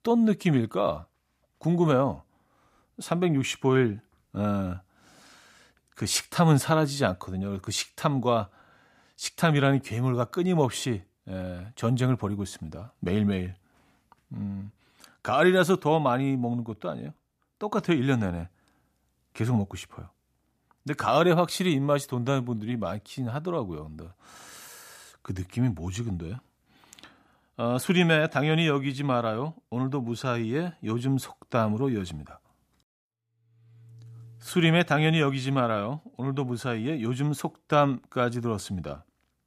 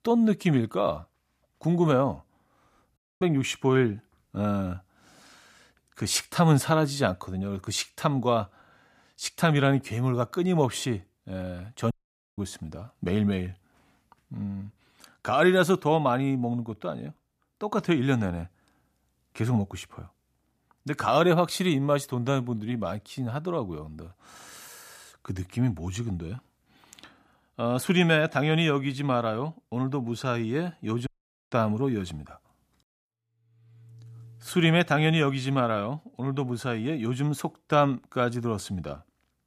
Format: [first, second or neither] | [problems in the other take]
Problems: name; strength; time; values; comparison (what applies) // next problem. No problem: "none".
first | audio cutting out; at 3 s, at 12 s and at 31 s